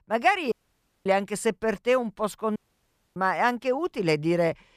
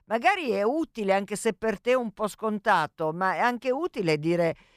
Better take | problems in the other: second | audio cutting out; at 0.5 s for 0.5 s and at 2.5 s for 0.5 s

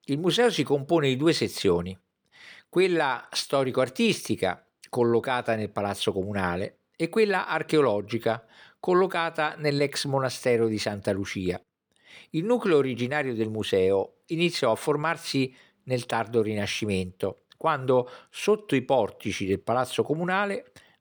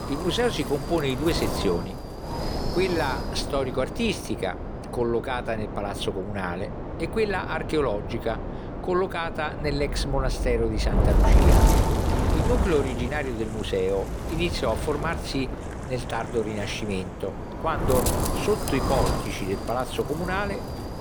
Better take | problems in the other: first | wind noise on the microphone; heavy; 4 dB below the speech

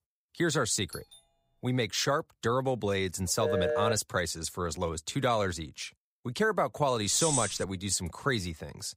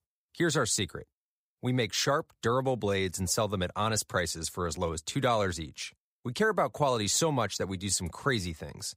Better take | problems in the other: second | doorbell; faint; at 1 s; peak 15 dB below the speech // phone ringing; loud; at 3.5 s; peak 1 dB above the speech // jangling keys; loud; at 7 s; peak 2 dB above the speech

